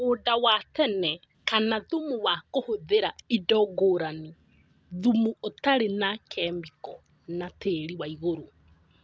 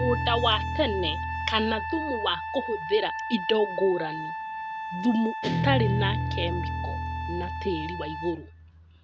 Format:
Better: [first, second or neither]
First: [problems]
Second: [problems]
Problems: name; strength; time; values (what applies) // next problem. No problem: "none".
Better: first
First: none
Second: background sound (Trumpet + Guitar); 2 dB below the speech